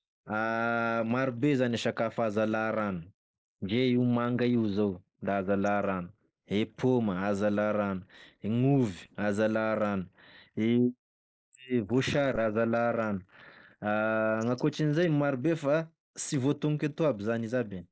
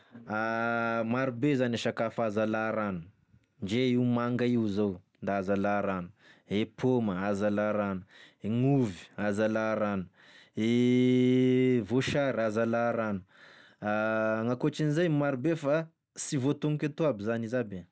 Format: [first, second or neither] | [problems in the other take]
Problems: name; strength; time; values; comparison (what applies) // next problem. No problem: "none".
second | noise reduction (neural mask model Resemble Enhance denoiser)